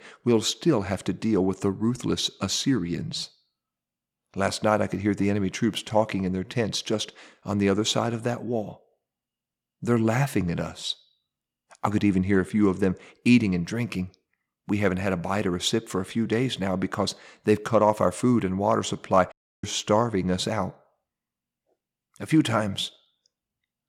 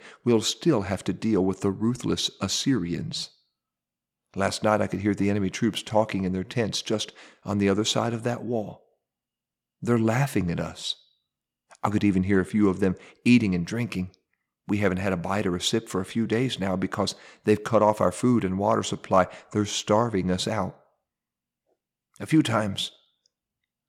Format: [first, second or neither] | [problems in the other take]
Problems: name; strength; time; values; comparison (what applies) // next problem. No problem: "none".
second | audio cutting out; at 19 s